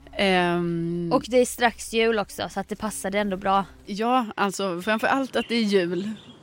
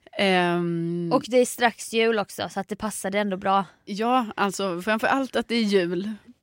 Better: second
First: animal sounds; faint; throughout; 25 dB below the speech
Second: none

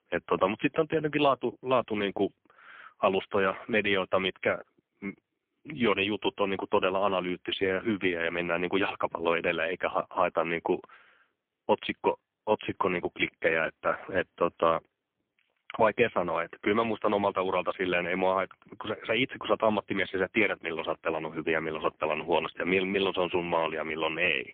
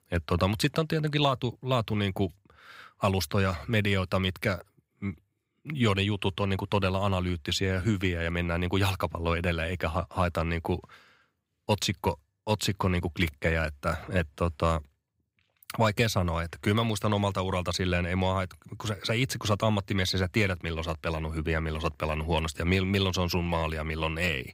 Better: second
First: phone-call audio; poor line; nothing above 3.5 kHz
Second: none

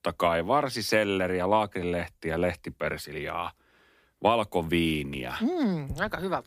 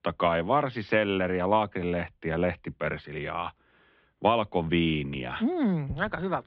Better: first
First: none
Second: muffled; very; fading above 3.5 kHz

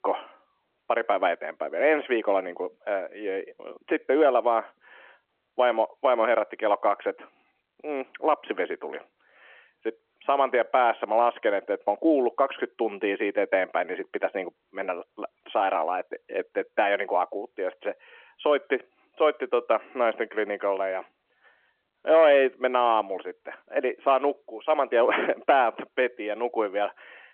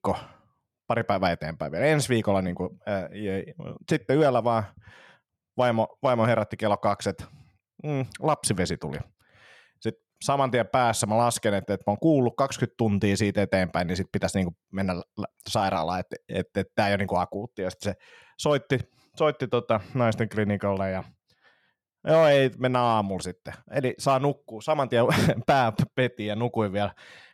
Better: second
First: phone-call audio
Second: none

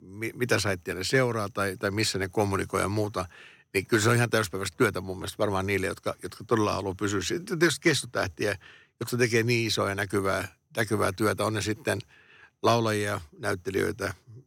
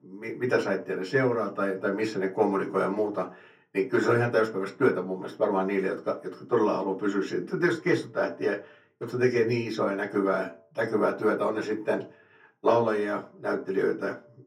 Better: first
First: none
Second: room echo; slight; dies away in 0.4 s // off-mic speech; far

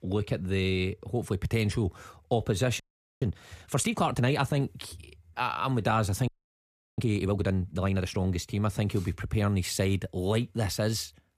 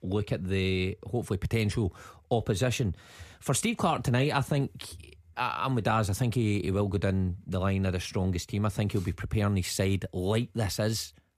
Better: second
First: audio freezing; at 3 s and at 6.5 s for 0.5 s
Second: none

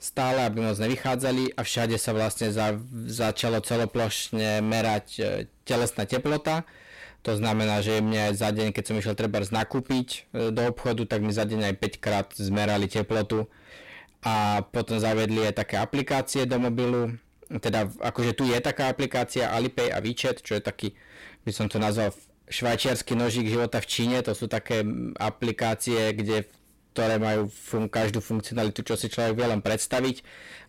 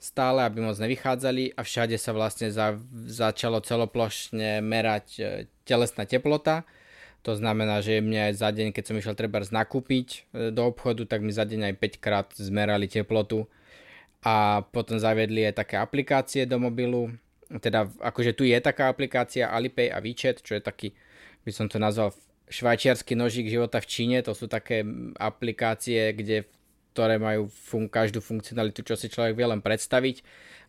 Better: second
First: distortion; heavy; 21% of the sound clipped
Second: none

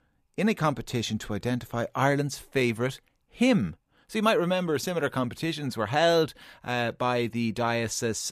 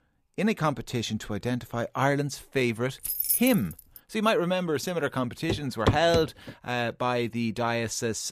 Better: first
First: none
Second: jangling keys; loud; at 3 s; peak 3 dB above the speech // footsteps; loud; at 5.5 s; peak 1 dB above the speech

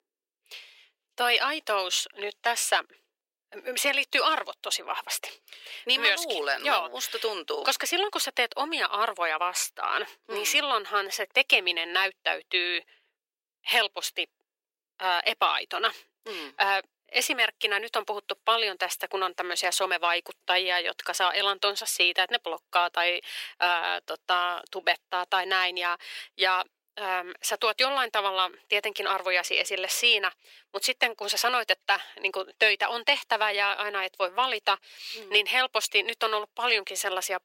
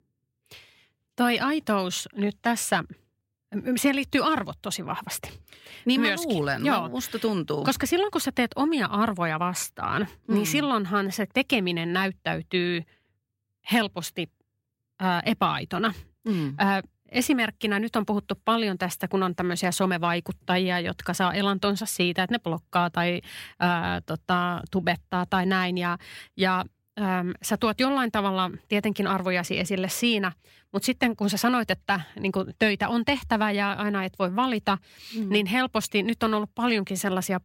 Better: second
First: thin; very; fading below 400 Hz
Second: none

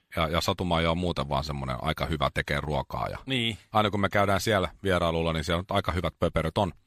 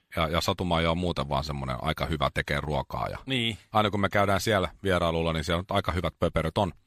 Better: neither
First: none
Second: none

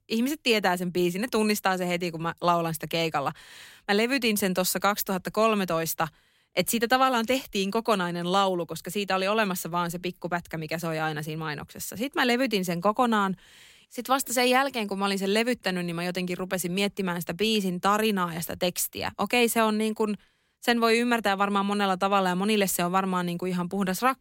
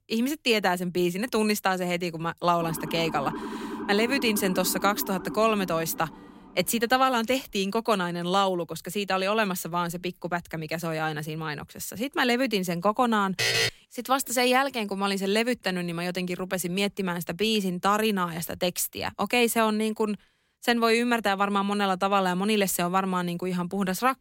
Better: first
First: none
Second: siren; noticeable; from 2.5 to 6.5 s; peak 8 dB below the speech // alarm; loud; at 13 s; peak 3 dB above the speech

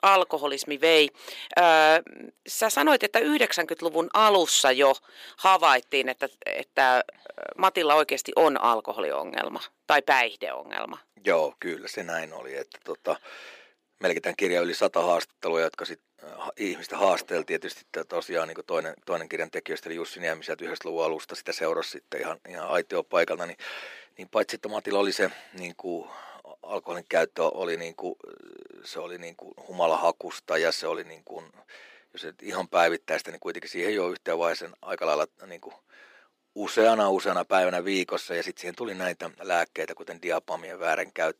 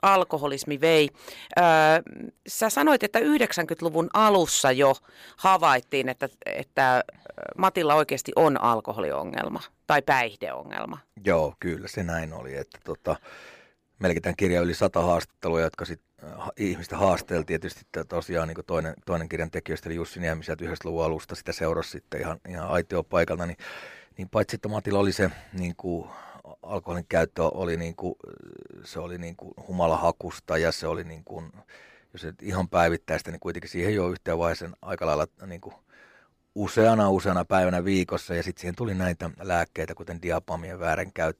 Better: second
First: thin; somewhat; fading below 300 Hz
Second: none

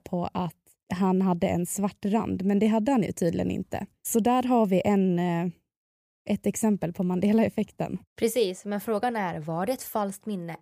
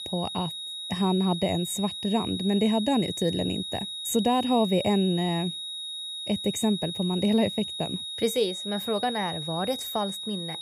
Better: first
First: none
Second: high-pitched whine; loud; throughout; 4 kHz, 5 dB below the speech

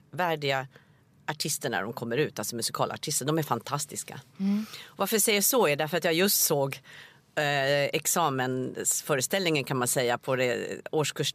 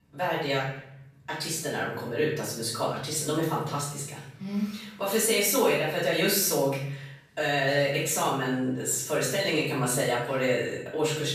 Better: first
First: none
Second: off-mic speech; far // room echo; noticeable; dies away in 0.7 s

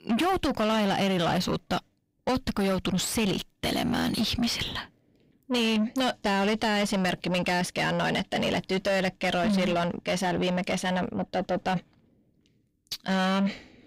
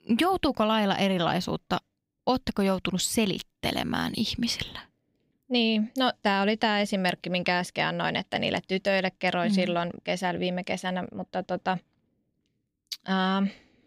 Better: second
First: distortion; heavy; 7 dB below the speech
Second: none

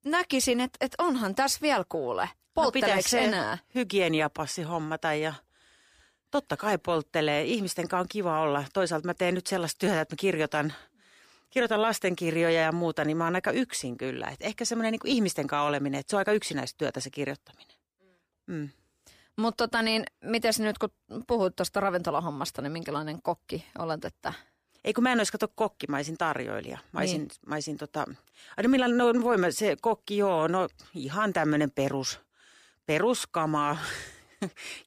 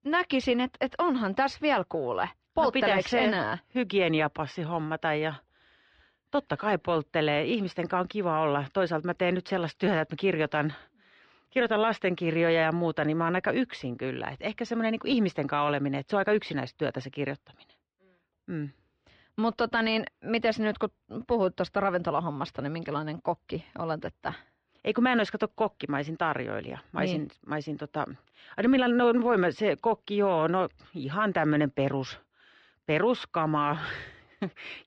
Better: first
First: none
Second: muffled; slightly; fading above 3.5 kHz

